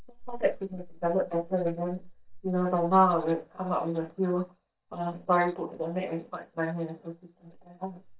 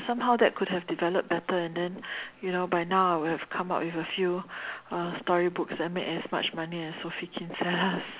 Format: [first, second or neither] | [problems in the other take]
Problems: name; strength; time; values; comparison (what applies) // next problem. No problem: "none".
second | noise reduction (neural mask model DeepFilterNet 3)